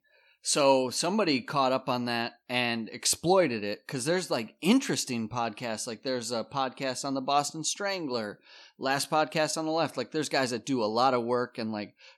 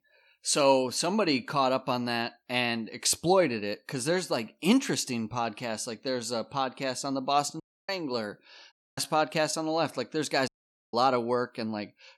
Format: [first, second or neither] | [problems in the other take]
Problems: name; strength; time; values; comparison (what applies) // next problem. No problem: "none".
first | audio cutting out; at 7.5 s, at 8.5 s and at 10 s